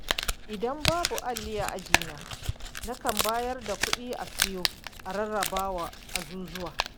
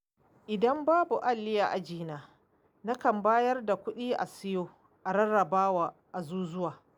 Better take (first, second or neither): second